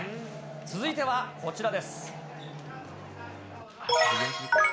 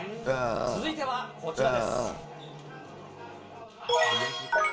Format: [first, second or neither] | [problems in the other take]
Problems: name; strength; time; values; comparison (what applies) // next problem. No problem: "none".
first | background sound (Burping, eructation); 2 dB above the speech // room echo; dies away in 0.2 s